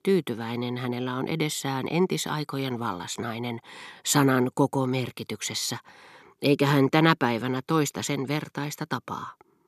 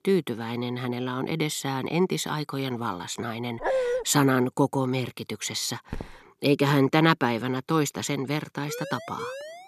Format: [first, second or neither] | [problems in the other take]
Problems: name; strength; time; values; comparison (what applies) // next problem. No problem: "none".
first | dog barking; loud; at 3.5 s; peak 1 dB above the speech // footsteps; faint; at 6 s; peak 15 dB below the speech // siren; faint; from 8.5 s on; peak 10 dB below the speech